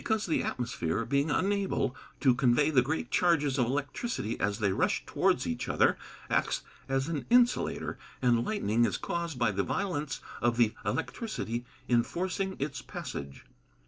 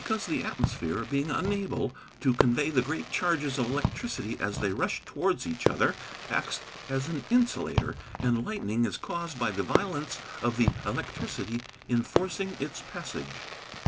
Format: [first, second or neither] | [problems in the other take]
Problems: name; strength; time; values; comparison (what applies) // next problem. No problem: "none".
first | background sound (Fireworks); 5 dB below the speech